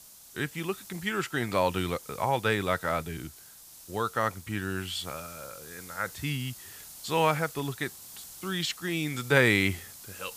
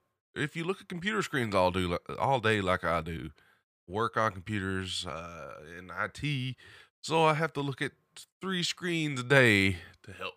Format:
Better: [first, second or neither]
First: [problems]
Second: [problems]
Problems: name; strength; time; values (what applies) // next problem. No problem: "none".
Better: second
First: hiss; noticeable; throughout; 15 dB below the speech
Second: none